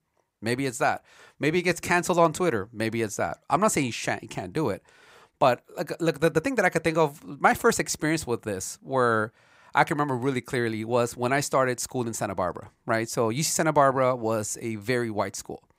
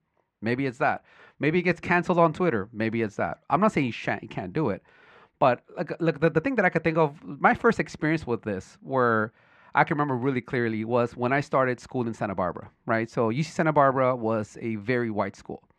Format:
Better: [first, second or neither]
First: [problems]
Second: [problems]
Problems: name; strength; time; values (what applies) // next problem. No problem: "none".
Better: first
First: none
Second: muffled; slightly; fading above 2.5 kHz